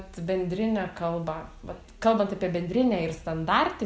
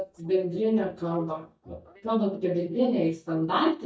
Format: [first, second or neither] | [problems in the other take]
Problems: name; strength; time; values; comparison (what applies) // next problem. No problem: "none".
first | noise reduction (neural mask model DeepFilterNet 3)